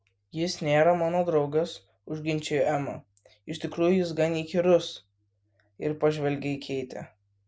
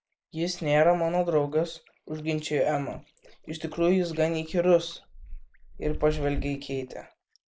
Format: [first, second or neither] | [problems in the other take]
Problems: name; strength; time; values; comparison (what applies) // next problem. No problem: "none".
first | noise reduction (neural mask model Resemble Enhance denoiser)